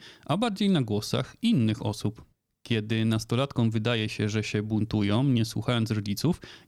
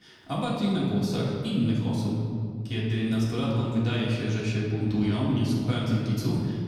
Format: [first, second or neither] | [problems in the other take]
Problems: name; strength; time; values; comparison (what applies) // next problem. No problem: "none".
first | off-mic speech; far // room echo; noticeable; dies away in 2.2 s